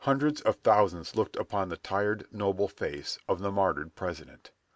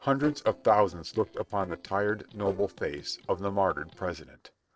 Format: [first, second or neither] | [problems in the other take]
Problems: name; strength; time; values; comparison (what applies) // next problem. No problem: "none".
first | noise reduction (neural separator model SepFormer DNS4)